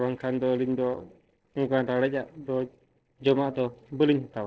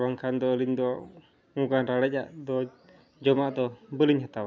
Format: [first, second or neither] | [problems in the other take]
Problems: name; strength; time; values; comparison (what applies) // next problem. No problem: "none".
second | noise reduction (neural separator model SepFormer DNS4)